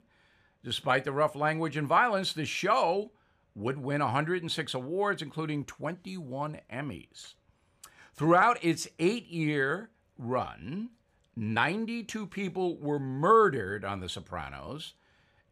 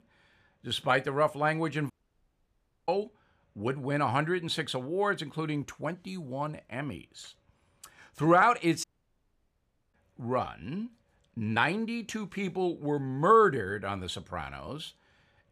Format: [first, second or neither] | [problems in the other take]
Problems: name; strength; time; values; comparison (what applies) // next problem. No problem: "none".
first | audio cutting out; at 2 s for 1 s and at 9 s for 1 s